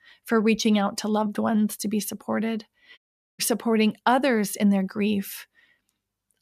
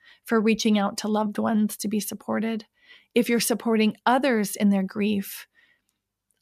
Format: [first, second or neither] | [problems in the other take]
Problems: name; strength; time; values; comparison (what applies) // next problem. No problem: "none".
second | audio cutting out; at 3 s